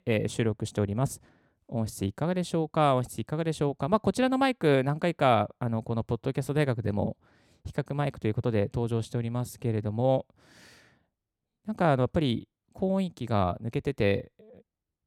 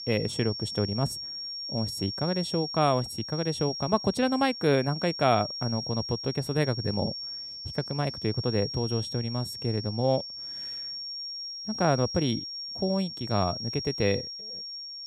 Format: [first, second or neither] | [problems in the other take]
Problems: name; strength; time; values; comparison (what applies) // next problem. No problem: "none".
first | high-pitched whine; loud; throughout; 5.5 kHz, 6 dB below the speech